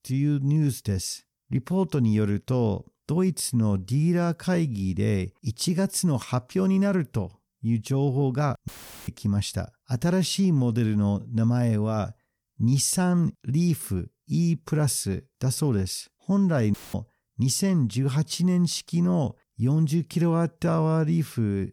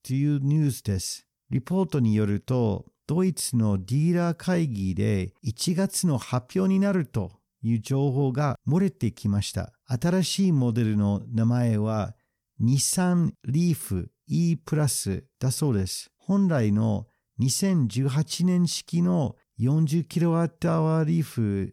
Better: second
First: audio cutting out; filled with static; at 8.5 s and at 17 s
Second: none

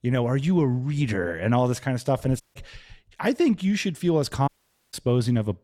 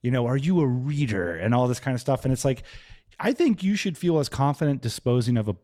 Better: second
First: audio cutting out; at 2.5 s and at 4.5 s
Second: none

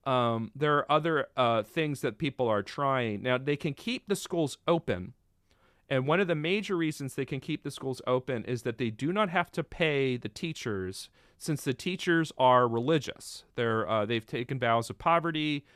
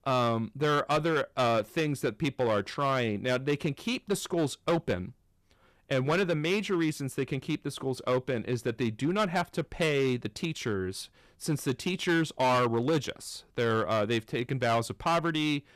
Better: first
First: none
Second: distortion; slight; 7% of the sound clipped

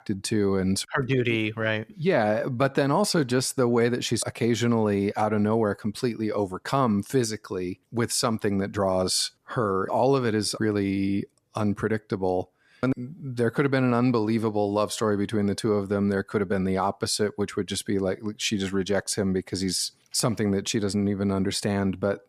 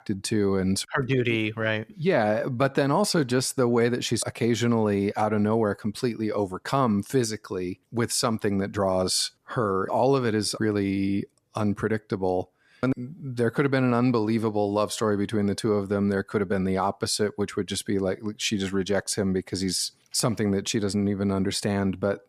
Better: neither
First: none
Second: none

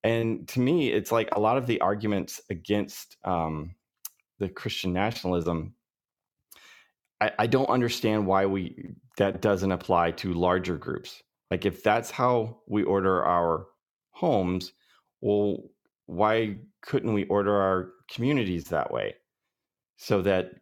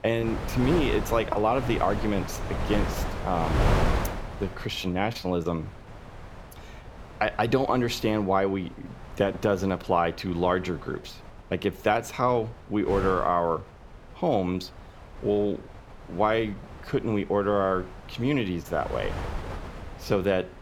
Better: first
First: none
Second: wind noise on the microphone; heavy; 10 dB below the speech

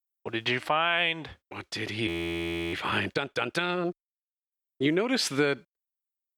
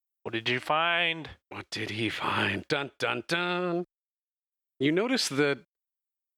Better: second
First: audio freezing; at 2 s for 0.5 s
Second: none

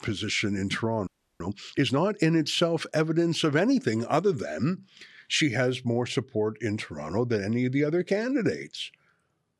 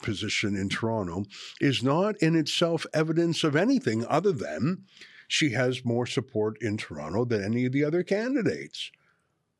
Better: second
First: audio freezing; at 1 s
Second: none

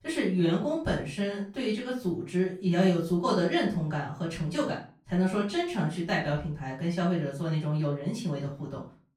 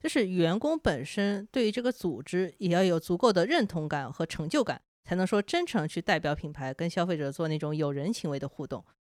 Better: second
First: room echo; slight; dies away in 0.3 s // off-mic speech; far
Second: none

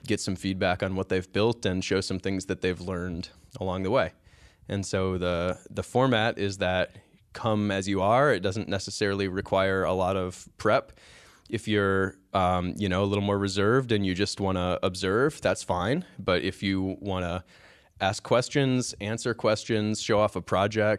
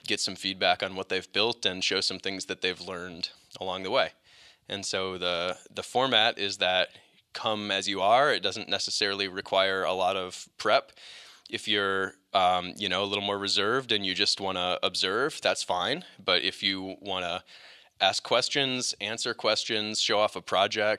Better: first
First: none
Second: thin; somewhat; fading below 1 kHz

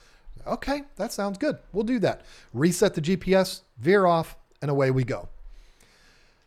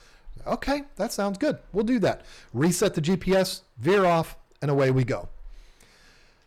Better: first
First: none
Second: distortion; slight; 5% of the sound clipped

